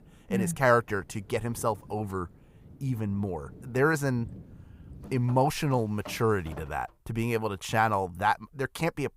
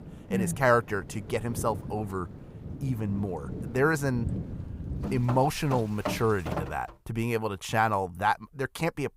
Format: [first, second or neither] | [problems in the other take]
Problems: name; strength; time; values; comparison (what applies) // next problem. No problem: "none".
first | rain or running water; loud; until 6.5 s; 9 dB below the speech; faint in the first